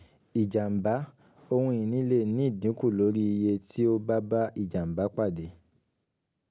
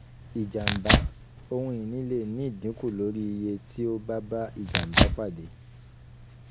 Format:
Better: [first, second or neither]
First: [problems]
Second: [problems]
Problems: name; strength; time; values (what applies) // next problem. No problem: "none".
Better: first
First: none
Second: background sound (Tearing); 2 dB above the speech